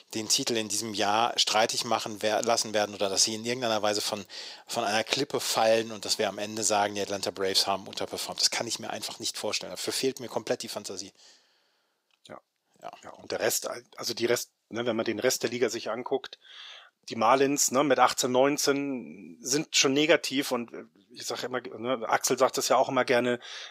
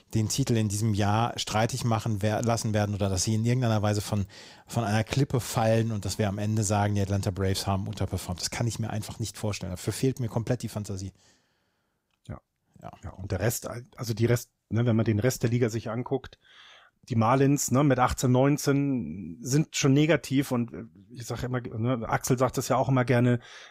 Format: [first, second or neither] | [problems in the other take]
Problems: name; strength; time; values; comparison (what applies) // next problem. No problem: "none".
second | thin; somewhat; fading below 450 Hz